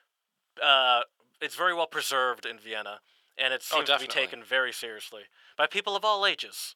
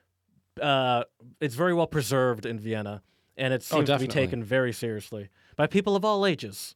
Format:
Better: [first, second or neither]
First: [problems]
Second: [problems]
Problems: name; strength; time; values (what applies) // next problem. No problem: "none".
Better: second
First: thin; very; fading below 800 Hz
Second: none